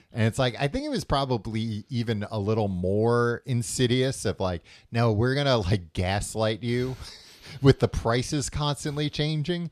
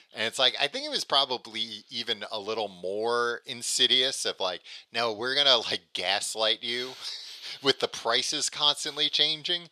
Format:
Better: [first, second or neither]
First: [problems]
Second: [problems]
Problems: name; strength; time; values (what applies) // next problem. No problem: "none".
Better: first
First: none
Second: thin; very; fading below 550 Hz